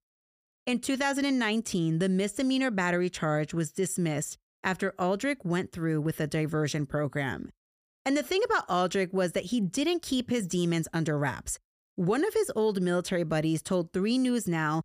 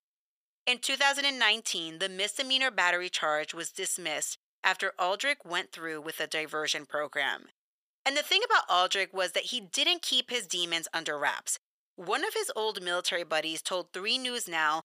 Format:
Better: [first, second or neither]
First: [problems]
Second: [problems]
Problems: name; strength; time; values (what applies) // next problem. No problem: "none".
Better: first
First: none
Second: thin; very; fading below 800 Hz